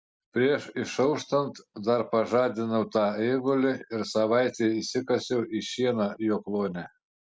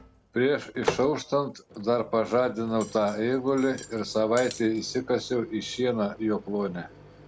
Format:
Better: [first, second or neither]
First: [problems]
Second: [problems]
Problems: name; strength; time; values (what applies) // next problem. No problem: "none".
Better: first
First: none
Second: background sound (Cutlery, silverware + Microwave oven); 14 dB below the speech